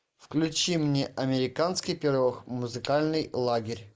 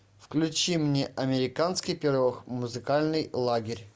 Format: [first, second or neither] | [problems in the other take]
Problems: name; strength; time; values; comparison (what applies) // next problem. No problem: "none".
second | noise reduction (neural mask model Resemble Enhance denoiser)